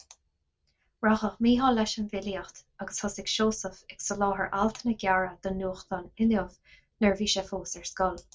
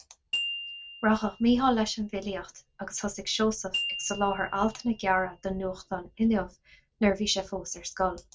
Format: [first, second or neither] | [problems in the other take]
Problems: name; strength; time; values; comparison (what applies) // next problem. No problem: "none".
first | background sound (Glockenspiel); 11 dB below the speech